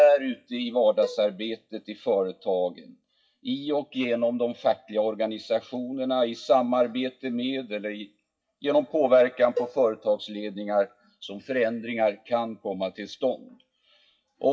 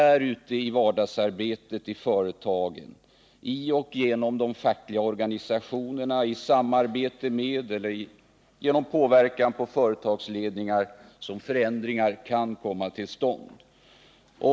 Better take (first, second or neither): second